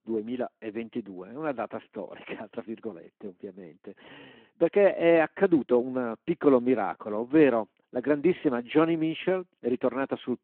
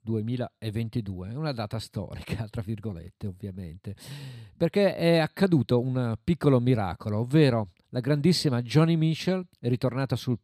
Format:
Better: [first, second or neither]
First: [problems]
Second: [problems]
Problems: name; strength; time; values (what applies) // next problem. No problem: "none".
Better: second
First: phone-call audio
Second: none